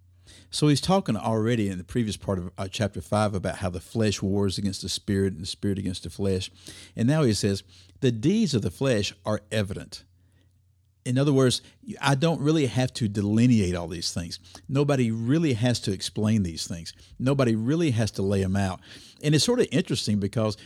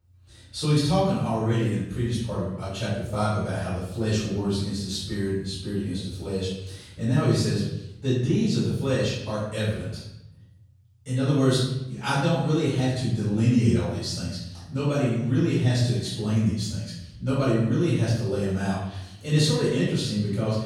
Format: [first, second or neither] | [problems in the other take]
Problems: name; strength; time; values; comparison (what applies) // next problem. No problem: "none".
first | off-mic speech; far // room echo; strong; dies away in 0.8 s